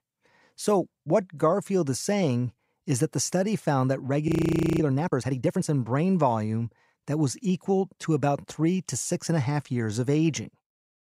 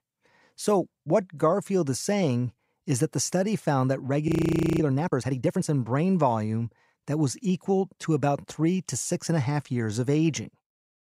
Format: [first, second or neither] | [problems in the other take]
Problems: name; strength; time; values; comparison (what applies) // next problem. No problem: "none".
neither | audio freezing; at 4.5 s for 0.5 s; the same in both